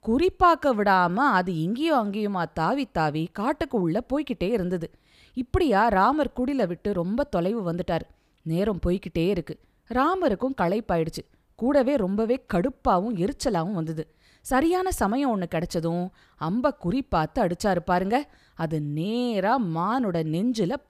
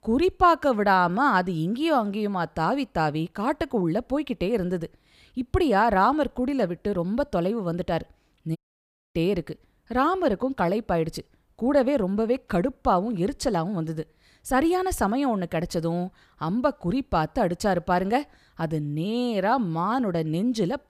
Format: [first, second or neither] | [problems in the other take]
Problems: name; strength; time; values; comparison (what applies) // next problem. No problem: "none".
first | audio cutting out; at 8.5 s for 0.5 s